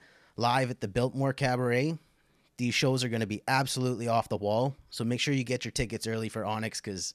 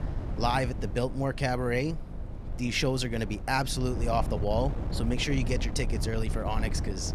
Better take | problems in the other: first | wind noise on the microphone; occasional gusts; 15 dB below the speech

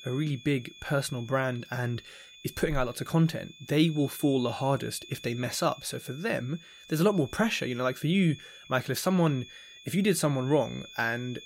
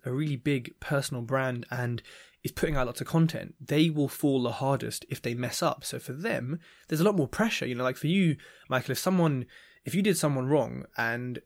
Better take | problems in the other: second | high-pitched whine; noticeable; throughout; 3.5 kHz, 20 dB below the speech

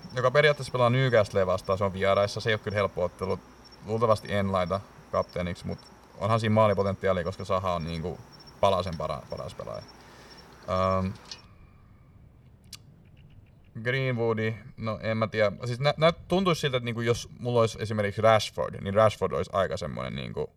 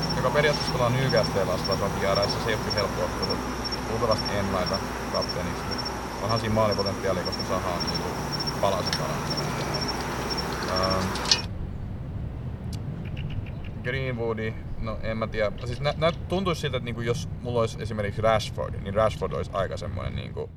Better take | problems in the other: first | animal sounds; loud; throughout; 2 dB below the speech; faint in the first

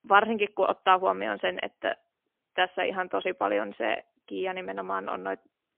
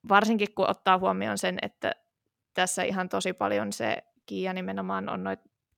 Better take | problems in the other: second | phone-call audio; poor line; nothing above 3 kHz

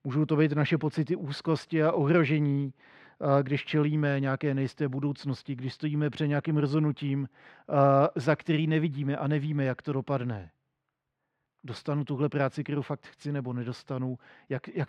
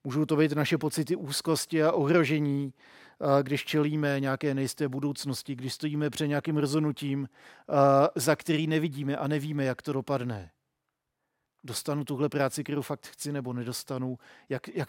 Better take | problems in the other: second | muffled; slightly; fading above 2.5 kHz

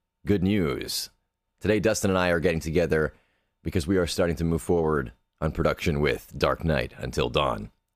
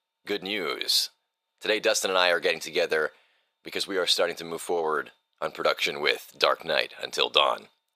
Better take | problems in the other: first | thin; very; fading below 650 Hz

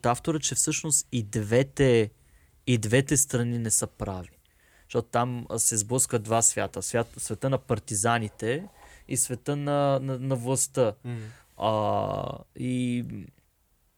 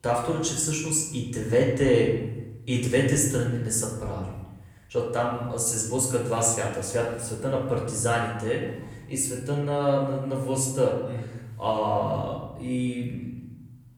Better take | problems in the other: first | off-mic speech; far // room echo; noticeable; dies away in 1 s

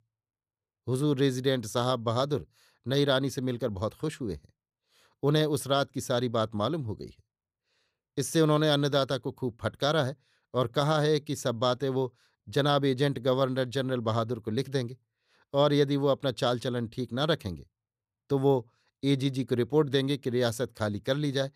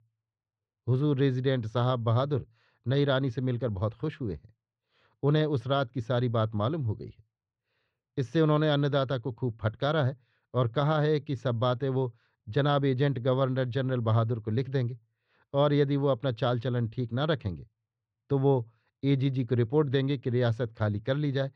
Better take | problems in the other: first | muffled; slightly; fading above 3 kHz

